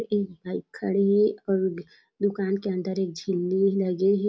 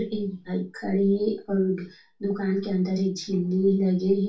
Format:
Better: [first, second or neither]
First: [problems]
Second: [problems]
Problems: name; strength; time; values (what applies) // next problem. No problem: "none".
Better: first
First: none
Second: room echo; dies away in 0.2 s